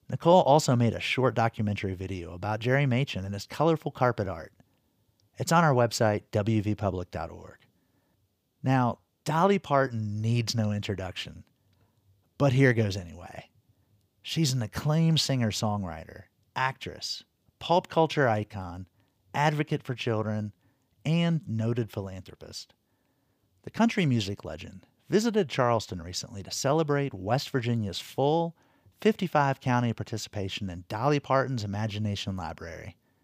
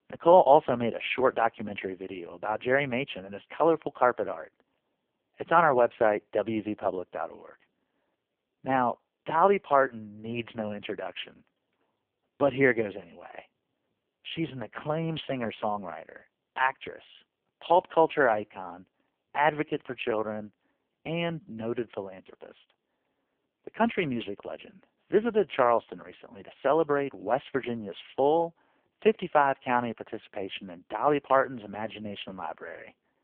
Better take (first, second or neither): first